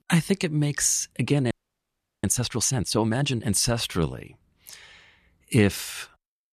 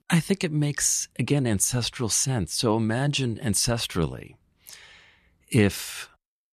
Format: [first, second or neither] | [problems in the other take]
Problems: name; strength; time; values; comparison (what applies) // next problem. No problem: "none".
second | audio freezing; at 1.5 s for 0.5 s